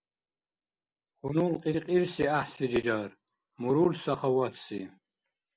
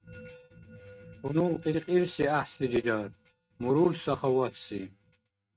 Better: first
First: none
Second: noise reduction (neural mask model RNNoise)

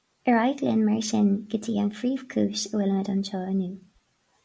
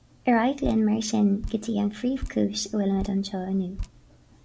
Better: first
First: none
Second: background sound (Drip); 14 dB below the speech

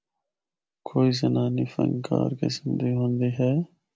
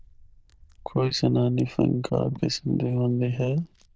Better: first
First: none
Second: noise reduction (neural diffusion model UNIVERSE++)

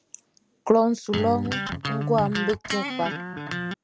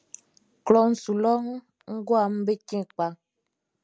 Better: second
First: background sound (Electric guitar); 3 dB below the speech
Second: none

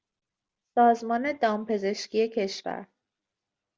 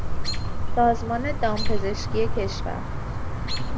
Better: first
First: none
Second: background sound (Chirp, tweet); 4 dB above the speech

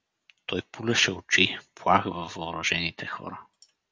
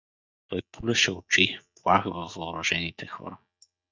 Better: first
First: none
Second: noise reduction (neural mask model DeepFilterNet 3)

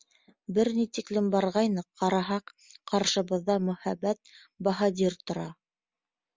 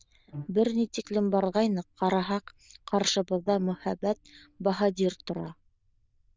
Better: first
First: none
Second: noise reduction (neural diffusion model UNIVERSE++)

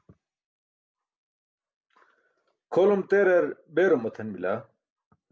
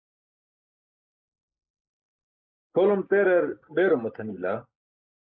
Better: first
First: none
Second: noise reduction (neural mask model Resemble Enhance denoiser)

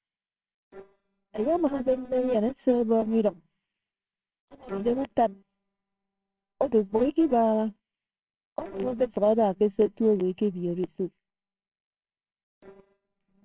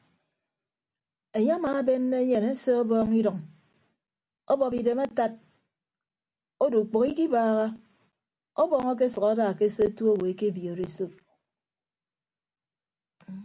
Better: second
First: noise reduction (neural separator model SepFormer WHAMR!)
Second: none

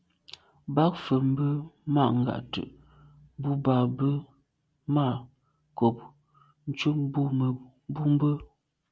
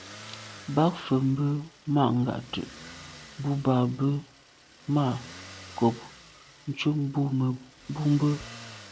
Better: first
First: none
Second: background sound (Motor vehicle (road)); 19 dB below the speech

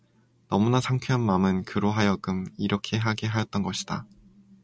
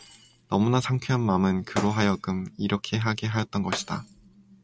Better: first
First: none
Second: background sound (Shatter); 15 dB below the speech

